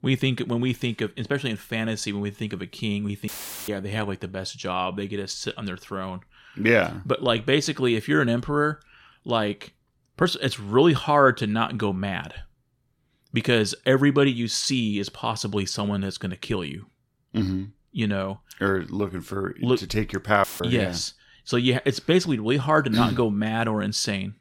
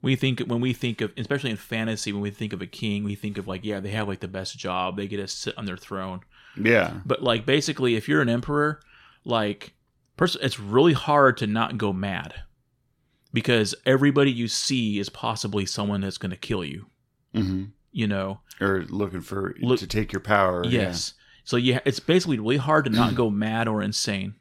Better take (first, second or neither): second